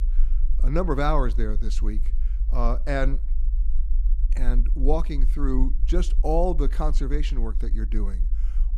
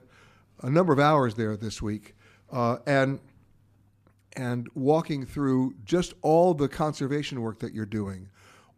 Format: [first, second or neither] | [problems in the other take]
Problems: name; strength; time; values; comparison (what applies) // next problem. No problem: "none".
second | low rumble; faint; throughout; 20 dB below the speech